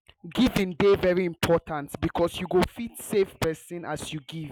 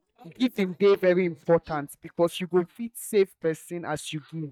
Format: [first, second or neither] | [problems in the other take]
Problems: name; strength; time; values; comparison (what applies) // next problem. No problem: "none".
first | noise reduction (neural mask model DeepFilterNet 3)